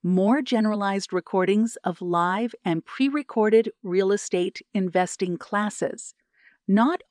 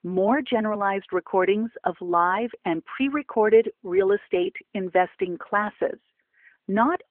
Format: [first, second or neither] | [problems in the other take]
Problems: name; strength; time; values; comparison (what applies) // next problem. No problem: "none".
first | phone-call audio